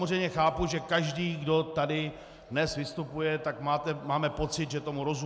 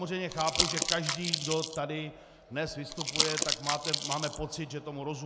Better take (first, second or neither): first